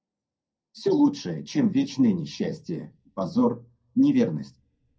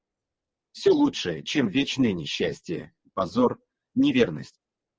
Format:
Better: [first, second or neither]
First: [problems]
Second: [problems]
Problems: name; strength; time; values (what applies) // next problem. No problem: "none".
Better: second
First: room echo; dies away in 0.2 s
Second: none